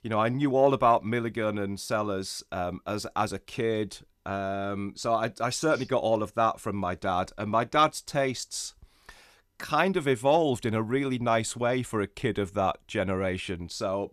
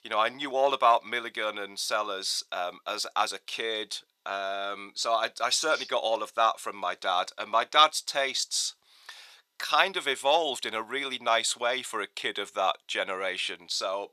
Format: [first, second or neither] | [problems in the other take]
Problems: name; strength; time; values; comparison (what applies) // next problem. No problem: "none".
first | thin; very; fading below 700 Hz